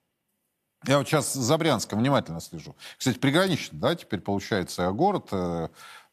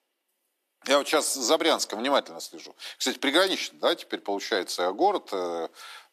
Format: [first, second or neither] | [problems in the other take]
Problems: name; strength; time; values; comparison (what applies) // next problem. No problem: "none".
first | thin; somewhat; fading below 300 Hz